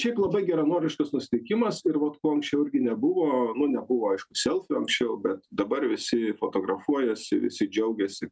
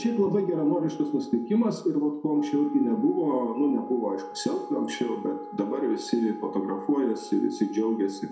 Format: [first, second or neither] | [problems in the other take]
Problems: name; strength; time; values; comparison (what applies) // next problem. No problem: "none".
first | background sound (Wind instrument, woodwind instrument); 16 dB below the speech // room echo; dies away in 0.6 s